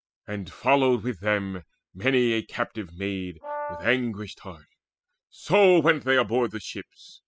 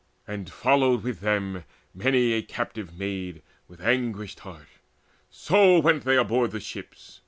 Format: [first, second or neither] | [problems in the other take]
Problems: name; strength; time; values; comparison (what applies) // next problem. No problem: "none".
second | noise reduction (classical method spectral subtraction)